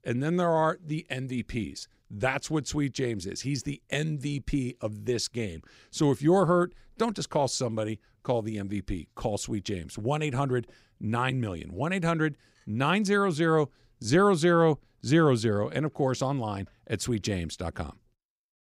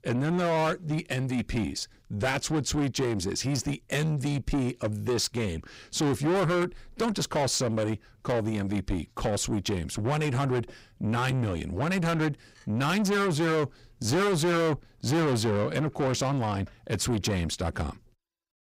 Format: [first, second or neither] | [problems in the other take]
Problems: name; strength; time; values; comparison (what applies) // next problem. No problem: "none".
first | distortion; heavy; 6 dB below the speech